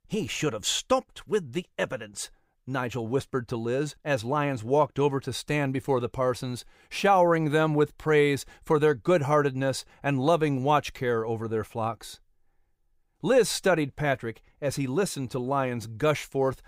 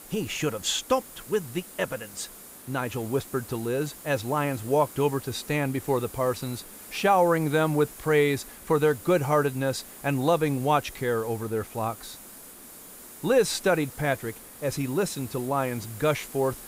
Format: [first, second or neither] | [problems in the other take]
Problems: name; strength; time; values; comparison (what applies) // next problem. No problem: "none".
first | hiss; noticeable; throughout; 15 dB below the speech